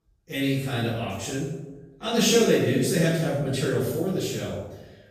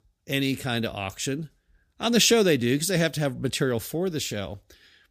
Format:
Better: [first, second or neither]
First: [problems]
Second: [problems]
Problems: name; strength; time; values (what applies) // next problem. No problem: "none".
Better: second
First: off-mic speech; far // room echo; strong; dies away in 0.9 s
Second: none